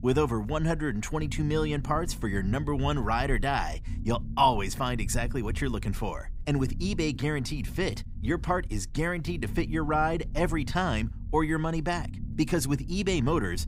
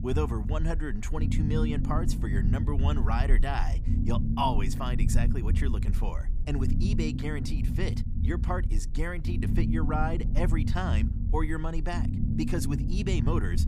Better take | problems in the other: first | low rumble; loud; throughout; 6 dB below the speech; faint in the first

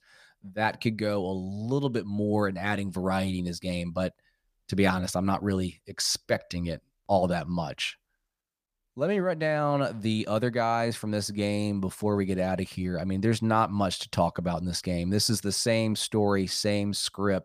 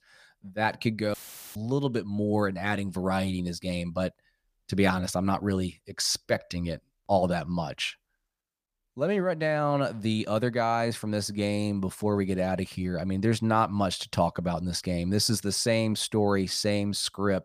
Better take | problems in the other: first | audio cutting out; filled with static; at 1 s

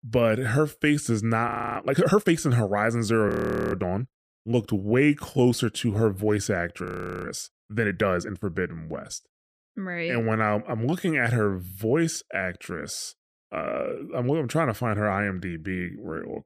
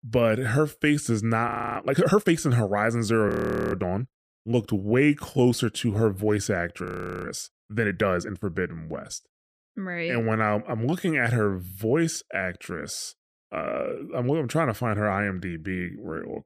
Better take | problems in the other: neither | audio freezing; at 1.5 s, at 3.5 s and at 7 s; the same in both

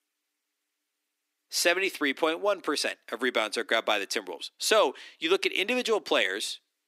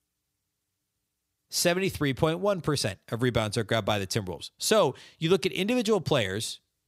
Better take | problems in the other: second | thin; somewhat; fading below 250 Hz

